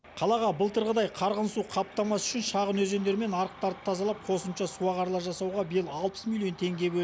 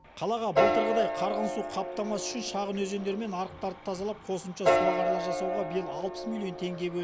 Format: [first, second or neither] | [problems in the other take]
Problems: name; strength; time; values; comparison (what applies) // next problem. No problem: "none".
first | background sound (Piano); 2 dB above the speech